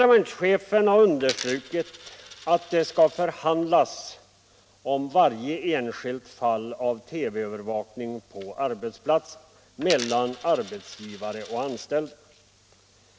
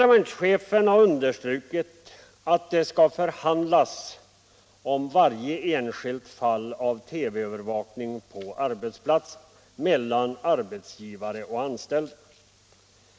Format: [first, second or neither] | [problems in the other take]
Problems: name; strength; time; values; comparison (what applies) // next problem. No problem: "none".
second | background sound (Coin (dropping)); 14 dB below the speech